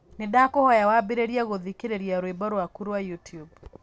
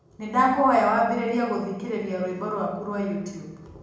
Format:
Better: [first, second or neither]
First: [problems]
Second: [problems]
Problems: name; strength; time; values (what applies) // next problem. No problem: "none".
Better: first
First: none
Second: room echo; dies away in 0.9 s